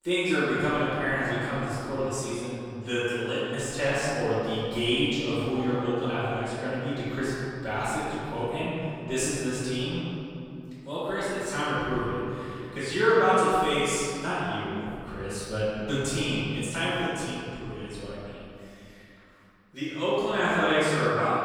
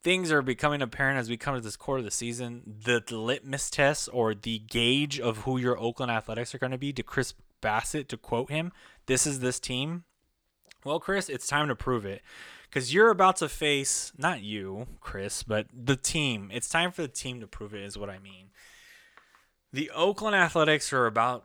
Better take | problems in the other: second | off-mic speech; far // room echo; strong; dies away in 2.6 s

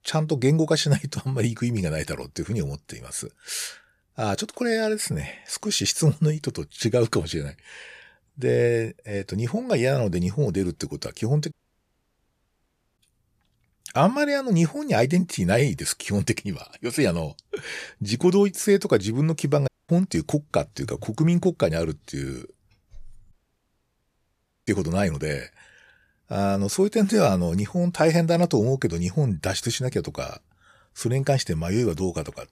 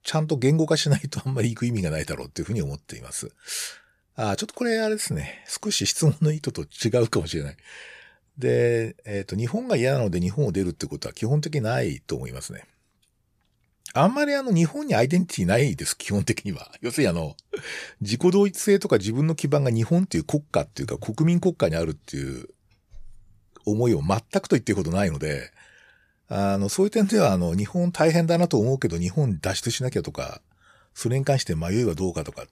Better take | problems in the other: second | audio cutting out; at 12 s for 1.5 s, at 20 s and at 23 s for 1.5 s

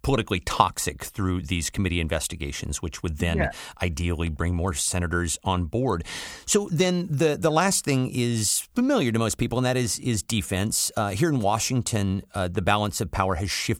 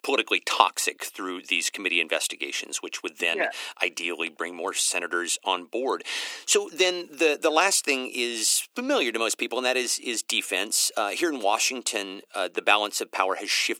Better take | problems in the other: first | thin; somewhat; fading below 300 Hz

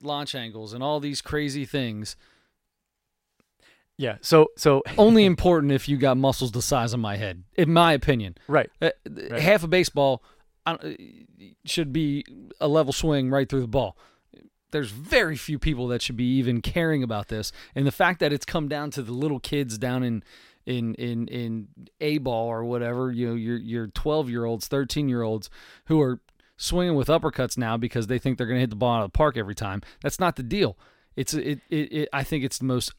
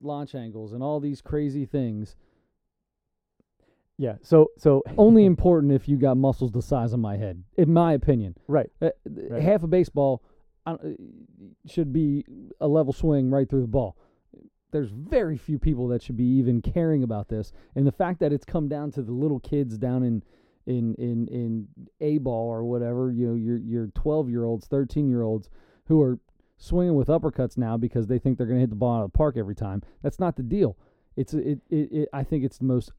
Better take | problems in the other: first | muffled; very; fading above 1 kHz

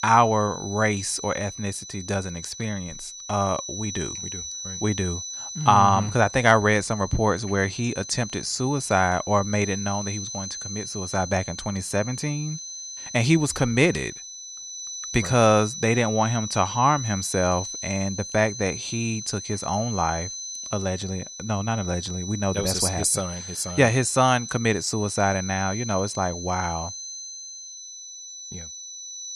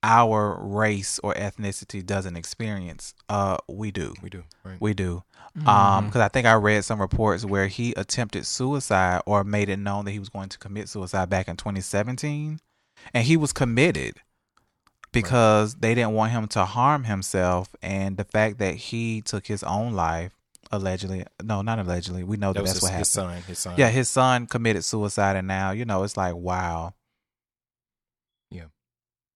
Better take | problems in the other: second | high-pitched whine; loud; throughout; 6 kHz, 9 dB below the speech

